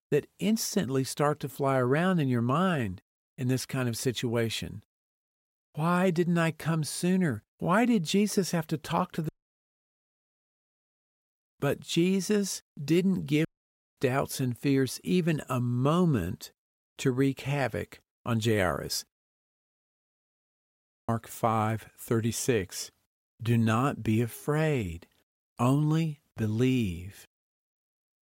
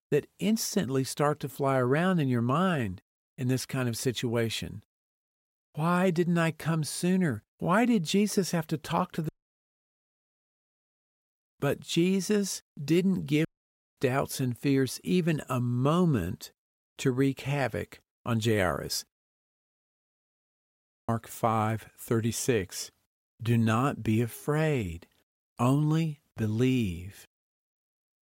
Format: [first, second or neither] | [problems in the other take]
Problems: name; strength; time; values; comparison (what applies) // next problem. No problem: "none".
neither | audio cutting out; at 9.5 s for 2 s, at 13 s for 0.5 s and at 19 s for 2 s; the same in both